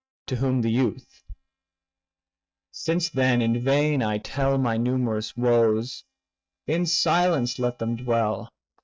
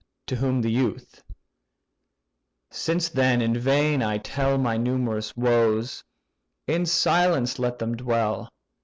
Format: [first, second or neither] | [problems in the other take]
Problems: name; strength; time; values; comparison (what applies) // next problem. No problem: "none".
second | noise reduction (neural mask model DeepFilterNet 3)